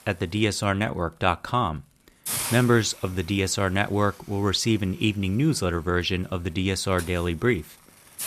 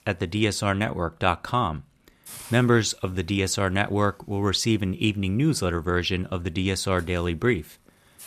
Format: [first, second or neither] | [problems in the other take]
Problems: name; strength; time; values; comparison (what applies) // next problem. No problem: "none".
second | hiss; loud; throughout; 9 dB below the speech; faint in the second